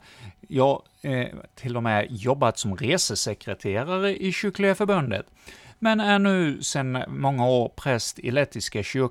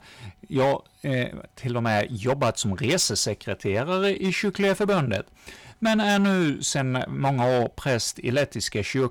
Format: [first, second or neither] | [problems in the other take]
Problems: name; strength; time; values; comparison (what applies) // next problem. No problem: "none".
first | distortion; slight; 7% of the sound clipped